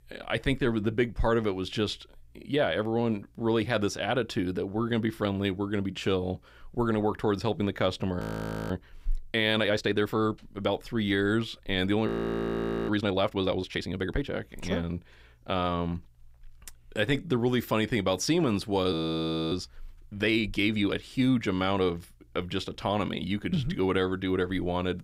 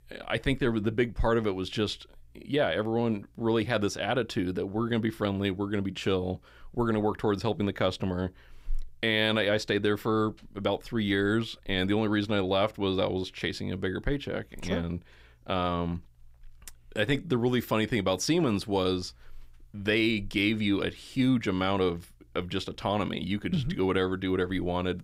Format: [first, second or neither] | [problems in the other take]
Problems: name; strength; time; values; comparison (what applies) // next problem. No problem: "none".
second | audio freezing; at 8 s, at 12 s for 1 s and at 19 s for 0.5 s